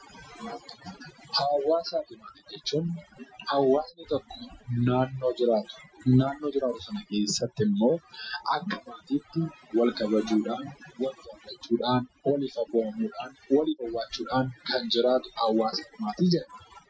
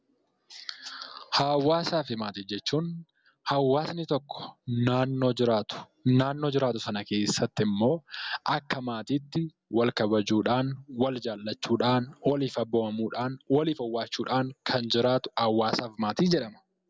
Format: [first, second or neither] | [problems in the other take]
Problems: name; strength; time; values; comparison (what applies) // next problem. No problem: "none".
second | noise reduction (classical method Wiener filter)